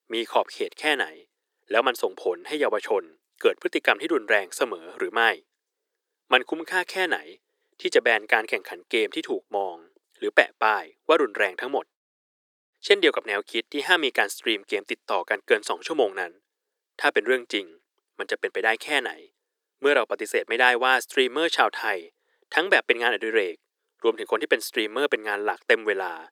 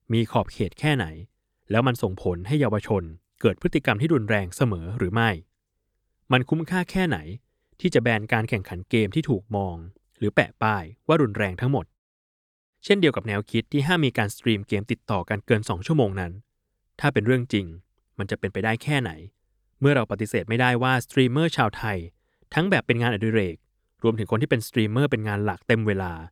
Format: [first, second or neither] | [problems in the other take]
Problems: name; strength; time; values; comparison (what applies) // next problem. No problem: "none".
second | thin; very; fading below 350 Hz